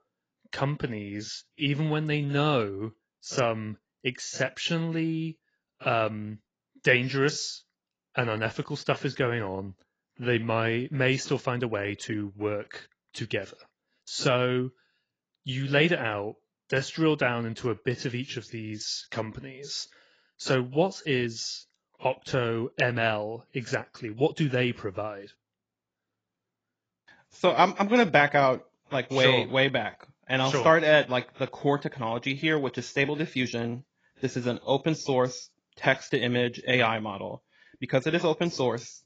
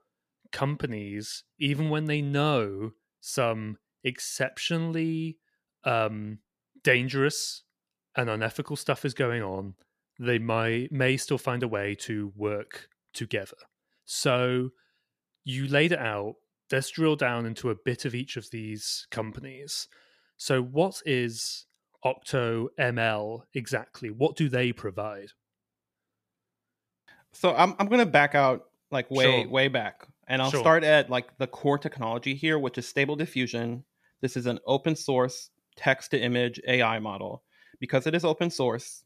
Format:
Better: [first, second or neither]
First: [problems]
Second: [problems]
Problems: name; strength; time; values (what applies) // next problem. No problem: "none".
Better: second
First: garbled, watery; badly; nothing above 7.5 kHz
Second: none